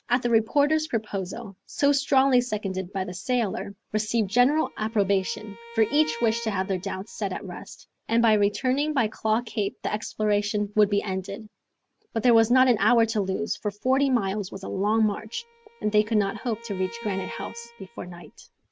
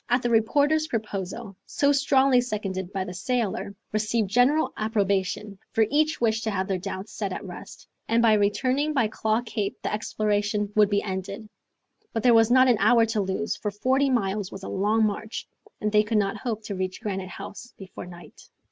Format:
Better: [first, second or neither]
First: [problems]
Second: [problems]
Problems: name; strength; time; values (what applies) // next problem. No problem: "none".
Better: second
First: background sound (Bowed string instrument); 18 dB below the speech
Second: none